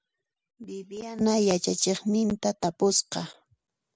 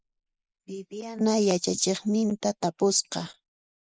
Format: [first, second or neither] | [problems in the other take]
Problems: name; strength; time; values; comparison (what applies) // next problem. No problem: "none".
first | noise reduction (neural mask model Resemble Enhance denoiser)